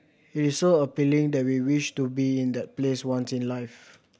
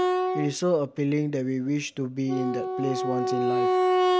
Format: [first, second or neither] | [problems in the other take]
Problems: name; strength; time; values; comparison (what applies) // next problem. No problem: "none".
first | background sound (Wind instrument, woodwind instrument); 2 dB above the speech